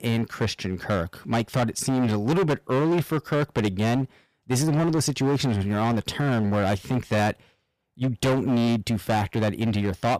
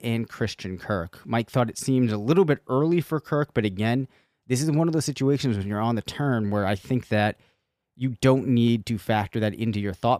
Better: second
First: distortion; heavy; 18% of the sound clipped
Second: none

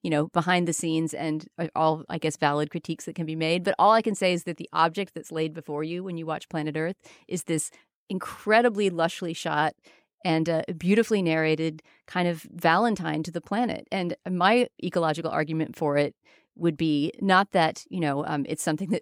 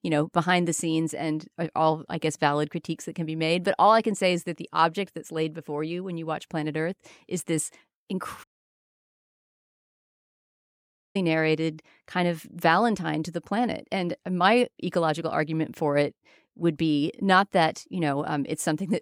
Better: first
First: none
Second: audio cutting out; at 8.5 s for 2.5 s

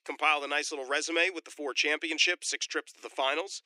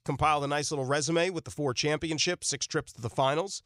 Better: second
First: thin; somewhat; fading below 300 Hz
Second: none

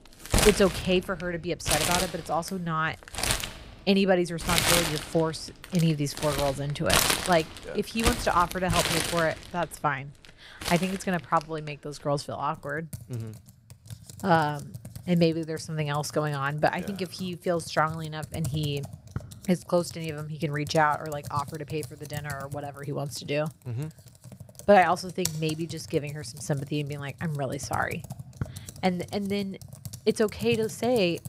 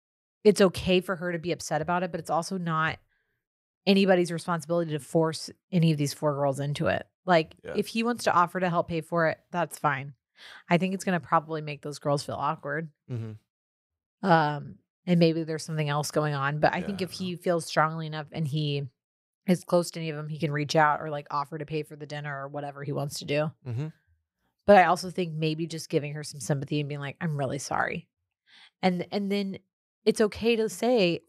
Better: second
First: household noises; loud; throughout; 3 dB below the speech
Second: none

